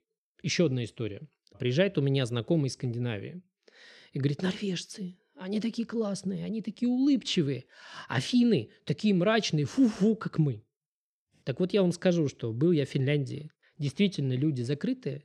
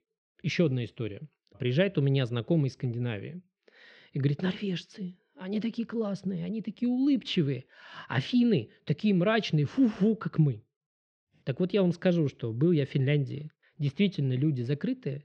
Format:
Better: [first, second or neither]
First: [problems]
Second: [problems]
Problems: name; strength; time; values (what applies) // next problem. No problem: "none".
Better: first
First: none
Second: muffled; very slightly; fading above 3 kHz